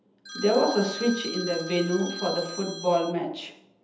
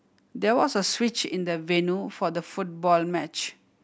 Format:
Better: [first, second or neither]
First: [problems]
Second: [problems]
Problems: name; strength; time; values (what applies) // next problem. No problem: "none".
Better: second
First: background sound (Telephone); 10 dB below the speech // room echo; dies away in 0.7 s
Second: none